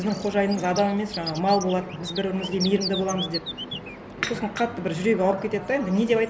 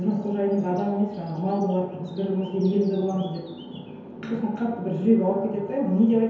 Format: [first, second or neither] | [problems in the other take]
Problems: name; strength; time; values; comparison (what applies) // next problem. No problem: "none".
first | room echo; dies away in 0.9 s